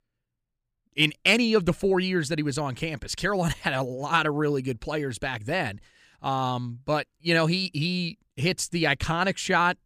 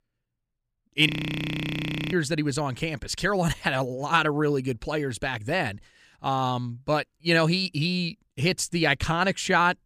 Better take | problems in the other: first | audio freezing; at 1 s for 1 s

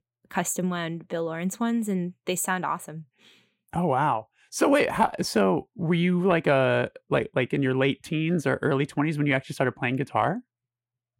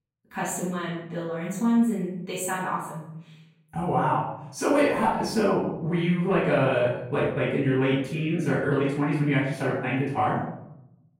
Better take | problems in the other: first | off-mic speech; far // room echo; noticeable; dies away in 0.7 s

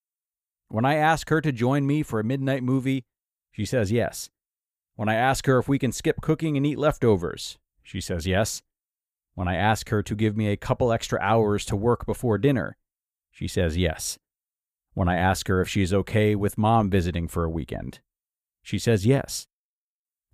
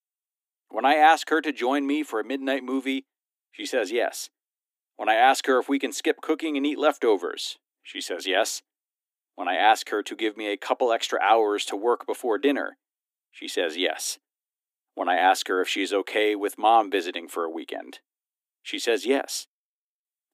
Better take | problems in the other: first | thin; somewhat; fading below 250 Hz

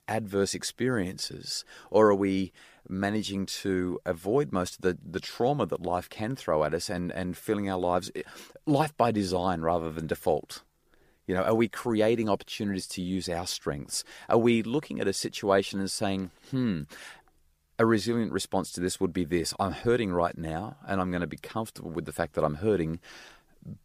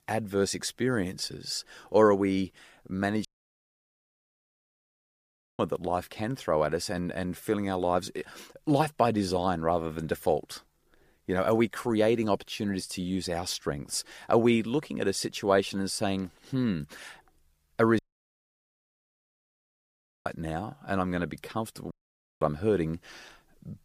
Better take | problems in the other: first | audio cutting out; at 3.5 s for 2.5 s, at 18 s for 2.5 s and at 22 s for 0.5 s

